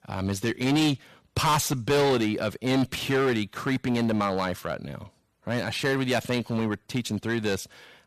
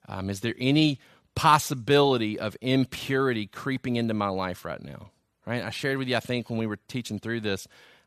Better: second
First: distortion; heavy; 9% of the sound clipped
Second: none

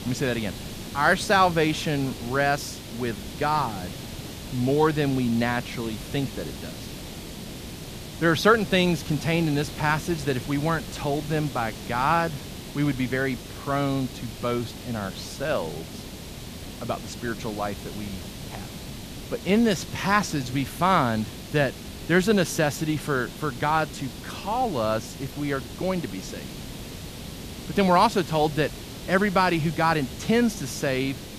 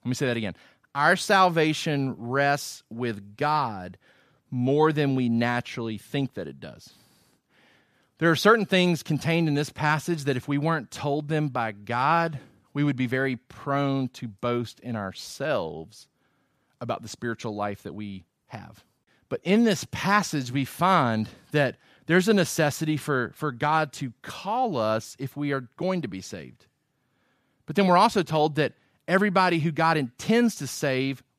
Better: second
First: hiss; noticeable; throughout; 10 dB below the speech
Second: none

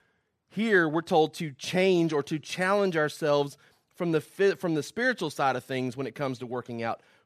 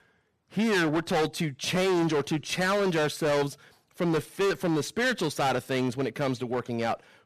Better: first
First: none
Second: distortion; heavy; 21% of the sound clipped

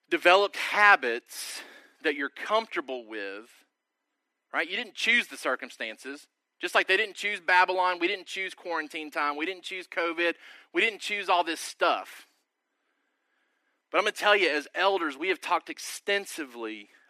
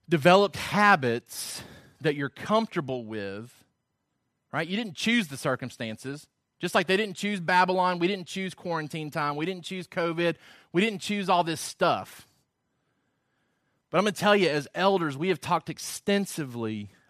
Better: second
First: thin; somewhat; fading below 300 Hz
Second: none

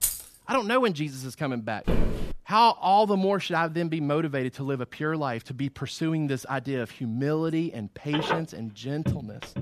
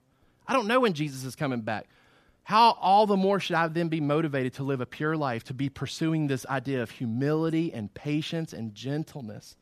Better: second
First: jangling keys; loud; at the start; peak level with the speech // footsteps; noticeable; at 2 s; peak 2 dB below the speech // phone ringing; noticeable; from 8 s on; peak 2 dB below the speech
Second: none

